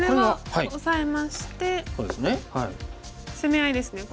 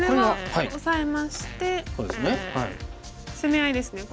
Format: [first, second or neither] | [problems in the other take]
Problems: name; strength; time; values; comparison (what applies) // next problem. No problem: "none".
first | background sound (Fart); 14 dB below the speech